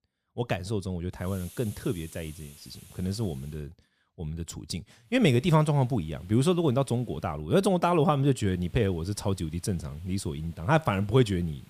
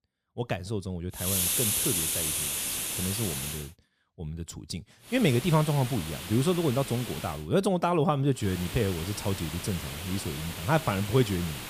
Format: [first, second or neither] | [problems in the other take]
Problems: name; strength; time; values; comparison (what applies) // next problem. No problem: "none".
first | hiss; loud; from 1.5 to 3.5 s, from 5 to 7.5 s and from 8.5 s on; 2 dB below the speech; faint in the first